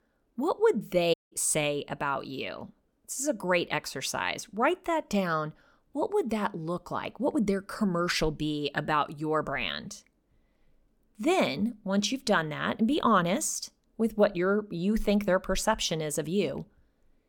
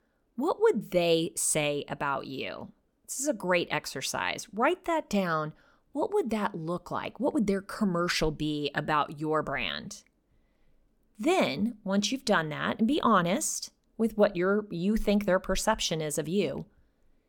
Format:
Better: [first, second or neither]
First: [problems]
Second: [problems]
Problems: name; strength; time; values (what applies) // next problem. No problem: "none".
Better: second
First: audio cutting out; at 1 s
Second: none